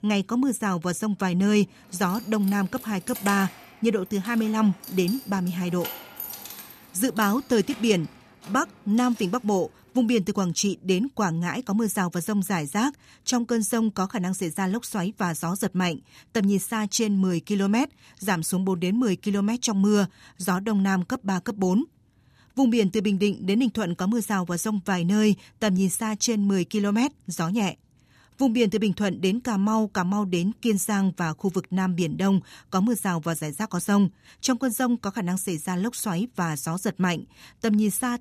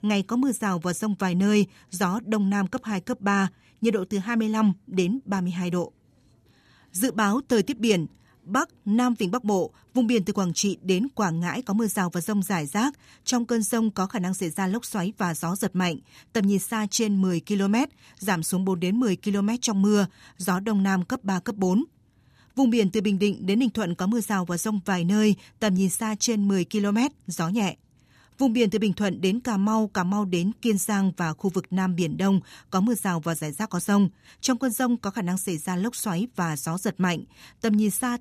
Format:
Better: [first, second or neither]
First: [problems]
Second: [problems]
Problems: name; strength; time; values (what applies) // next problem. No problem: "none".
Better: second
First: jangling keys; noticeable; from 2 to 9 s; peak 8 dB below the speech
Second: none